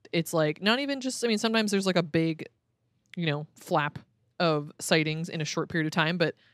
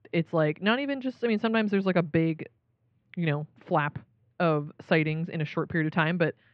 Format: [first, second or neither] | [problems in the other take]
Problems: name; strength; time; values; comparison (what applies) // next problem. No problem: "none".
first | muffled; very; fading above 3 kHz